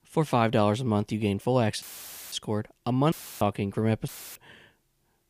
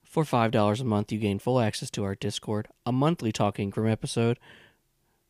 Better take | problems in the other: second | audio cutting out; filled with static; at 2 s, at 3 s and at 4 s

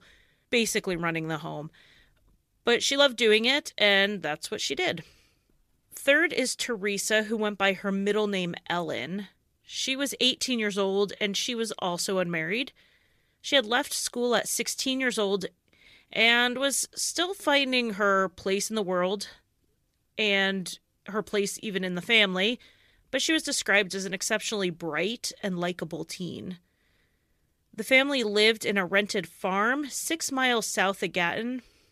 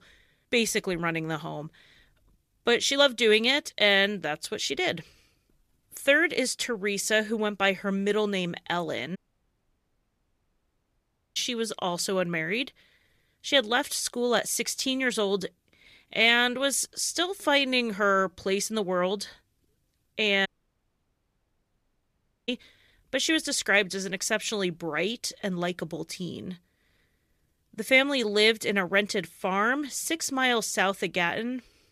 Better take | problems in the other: first | audio cutting out; at 9 s for 2 s and at 20 s for 2 s

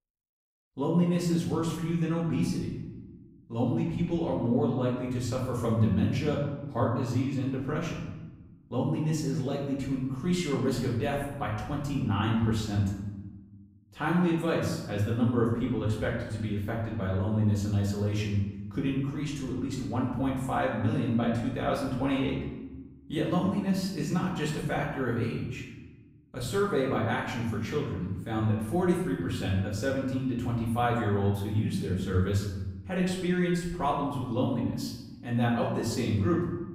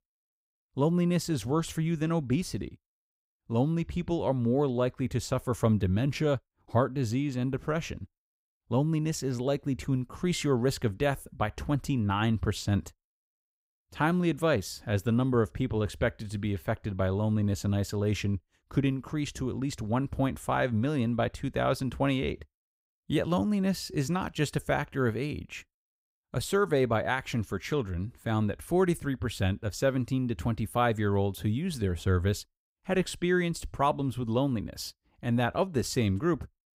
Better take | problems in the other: second | off-mic speech; far // room echo; noticeable; dies away in 1 s

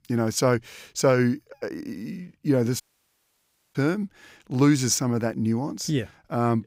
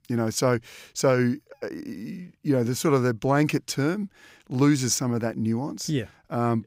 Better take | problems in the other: second | audio cutting out; at 3 s for 1 s

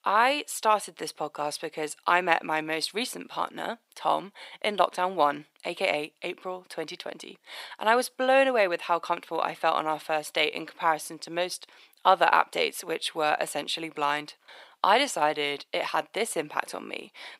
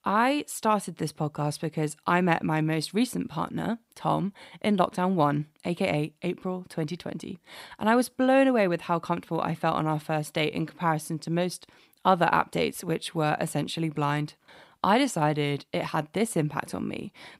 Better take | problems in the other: second | thin; very; fading below 550 Hz

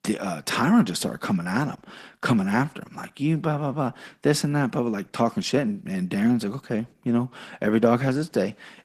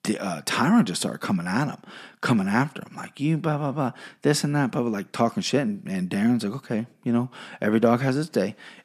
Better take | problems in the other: second | garbled, watery; slightly; nothing above 14.5 kHz

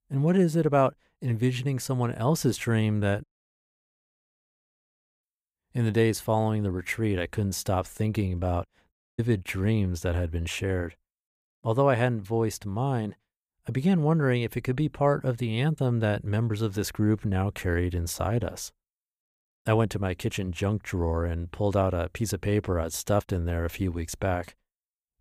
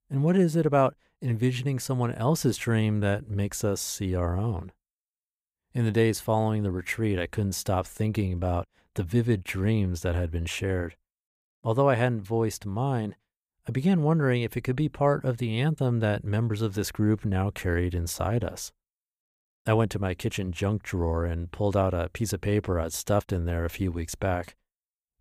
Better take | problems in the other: second | audio cutting out; at 3 s for 2 s and at 9 s

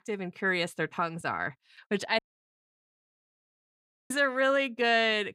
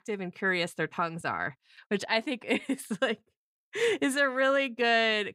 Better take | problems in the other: second | audio cutting out; at 2 s for 2 s

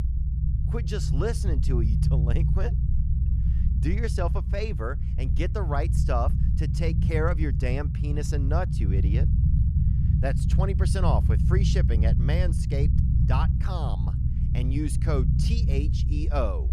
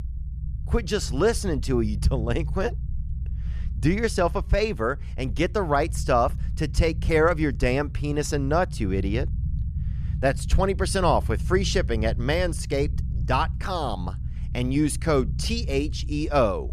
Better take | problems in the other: second | low rumble; loud; throughout; 5 dB below the speech; faint in the second

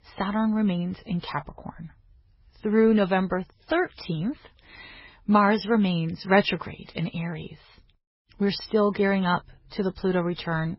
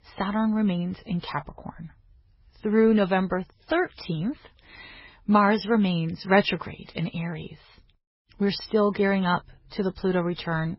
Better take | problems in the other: neither | garbled, watery; badly; nothing above 5.5 kHz; the same in both

